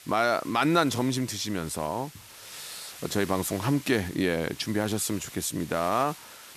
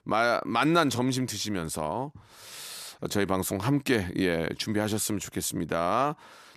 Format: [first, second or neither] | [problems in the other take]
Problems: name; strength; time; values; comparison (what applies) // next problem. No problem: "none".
second | hiss; noticeable; throughout; 15 dB below the speech